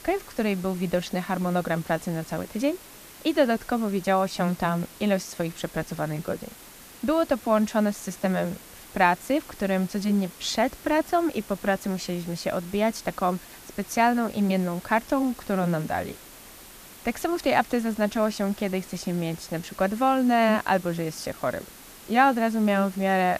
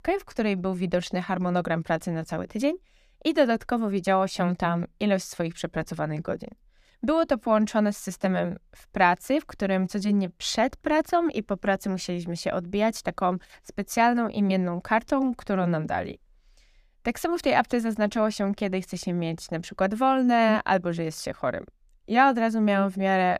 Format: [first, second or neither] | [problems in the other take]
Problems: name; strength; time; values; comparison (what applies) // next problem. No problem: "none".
second | hiss; noticeable; throughout; 20 dB below the speech